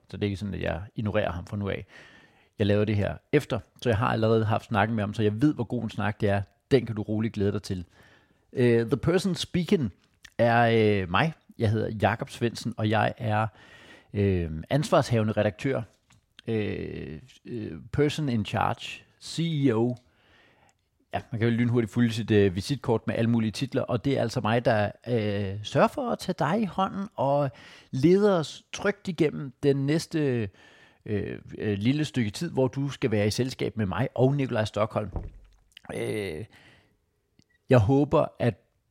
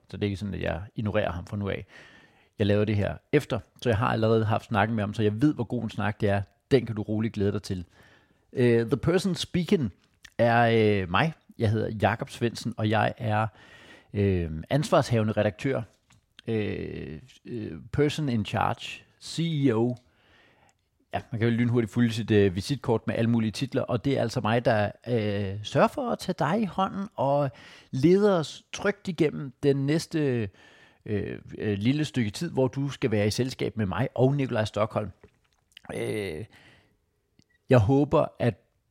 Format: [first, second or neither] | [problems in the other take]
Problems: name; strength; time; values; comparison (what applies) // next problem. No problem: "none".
second | door banging; faint; at 35 s; peak 15 dB below the speech